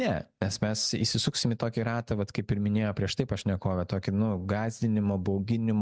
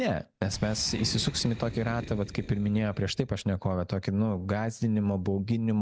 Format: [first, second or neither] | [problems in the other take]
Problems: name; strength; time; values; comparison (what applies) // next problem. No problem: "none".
first | background sound (Boom); 16 dB below the speech